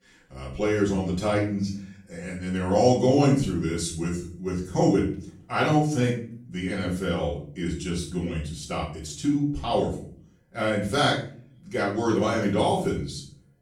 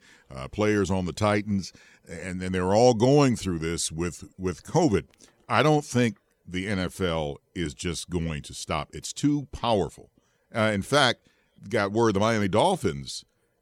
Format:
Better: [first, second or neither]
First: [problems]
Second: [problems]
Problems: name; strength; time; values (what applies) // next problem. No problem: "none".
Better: second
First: off-mic speech; far // room echo; noticeable; dies away in 0.5 s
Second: none